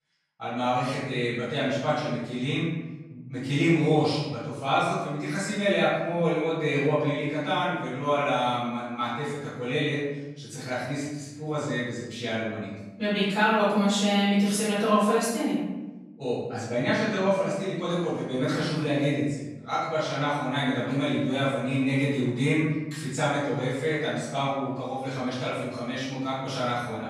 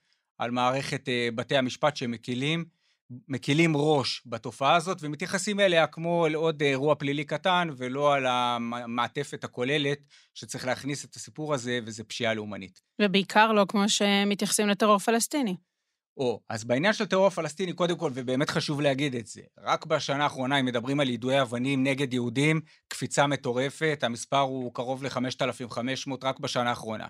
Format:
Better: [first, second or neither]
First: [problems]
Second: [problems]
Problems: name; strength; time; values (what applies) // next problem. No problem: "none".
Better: second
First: off-mic speech; far // room echo; strong; dies away in 1.1 s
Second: none